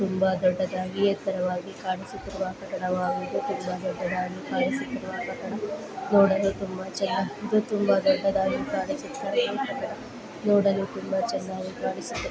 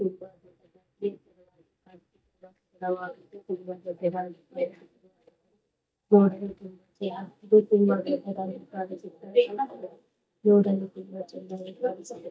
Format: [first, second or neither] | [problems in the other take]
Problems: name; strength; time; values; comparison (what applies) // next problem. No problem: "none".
first | noise reduction (neural mask model DeepFilterNet 3)